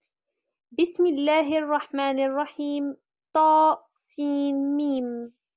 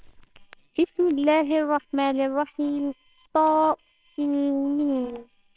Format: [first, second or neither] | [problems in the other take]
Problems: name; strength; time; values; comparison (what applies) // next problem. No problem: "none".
first | noise reduction (neural separator model SepFormer WHAMR!)